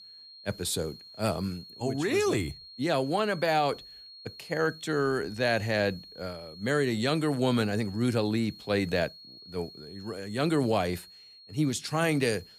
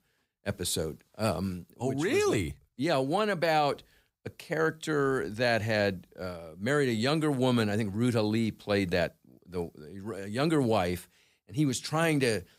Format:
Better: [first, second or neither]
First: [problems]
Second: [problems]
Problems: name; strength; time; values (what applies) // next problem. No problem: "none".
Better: second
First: high-pitched whine; noticeable; throughout; 4.5 kHz, 20 dB below the speech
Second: none